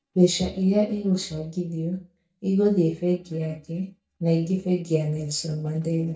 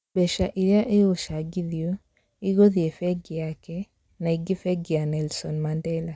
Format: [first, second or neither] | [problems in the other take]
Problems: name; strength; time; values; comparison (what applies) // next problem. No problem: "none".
second | noise reduction (neural mask model DeepFilterNet 3)